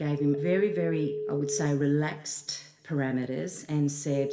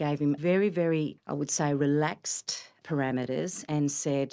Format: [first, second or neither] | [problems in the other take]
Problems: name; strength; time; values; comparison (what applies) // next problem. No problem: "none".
second | background sound (Telephone); 8 dB below the speech // room echo; dies away in 0.7 s